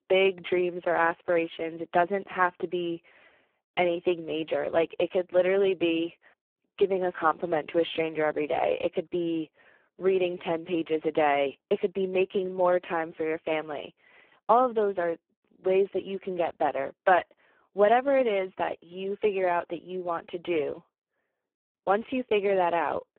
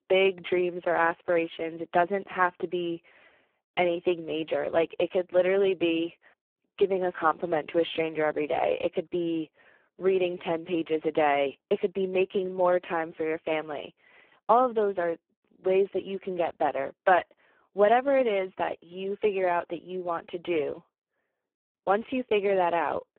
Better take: neither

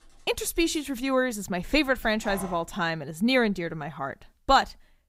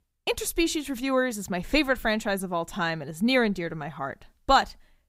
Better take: second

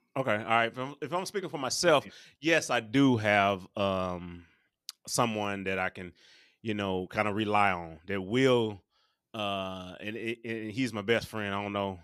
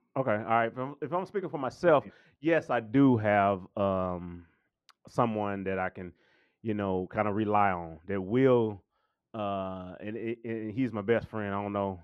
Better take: first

